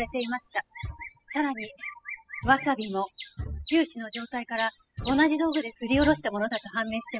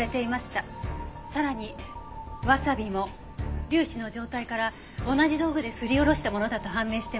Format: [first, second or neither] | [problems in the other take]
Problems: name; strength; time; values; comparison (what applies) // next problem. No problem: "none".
second | noise reduction (classical method spectral subtraction)